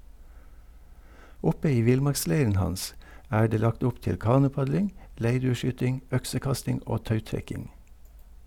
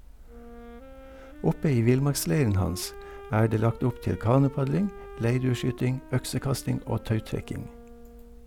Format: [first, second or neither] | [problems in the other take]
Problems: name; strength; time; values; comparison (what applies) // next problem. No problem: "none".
first | background sound (Wind instrument, woodwind instrument); 19 dB below the speech